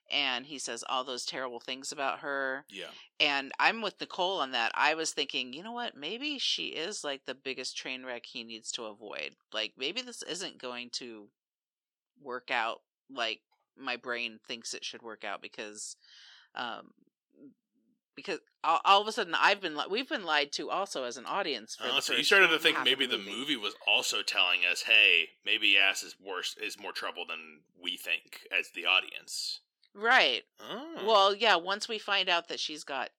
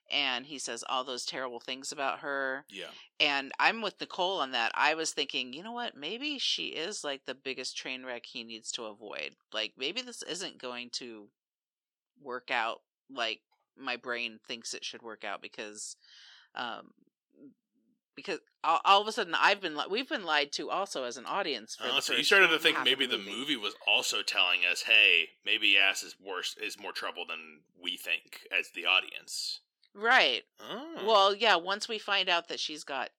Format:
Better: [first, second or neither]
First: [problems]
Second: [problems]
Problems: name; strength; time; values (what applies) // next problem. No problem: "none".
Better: neither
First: thin; very slightly; fading below 350 Hz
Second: thin; very slightly; fading below 350 Hz